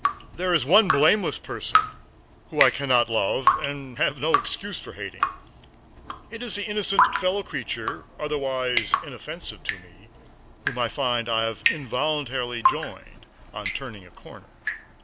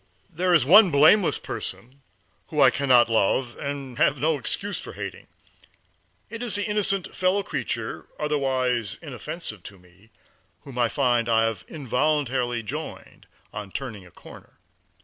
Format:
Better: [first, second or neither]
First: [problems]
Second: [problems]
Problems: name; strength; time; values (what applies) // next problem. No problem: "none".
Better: second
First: background sound (Drip); 1 dB below the speech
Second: none